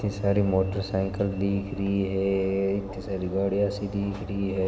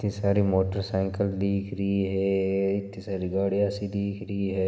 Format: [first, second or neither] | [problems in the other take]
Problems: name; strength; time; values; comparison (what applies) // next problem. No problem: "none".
second | background sound (Alarm / Engine / Train); 13 dB below the speech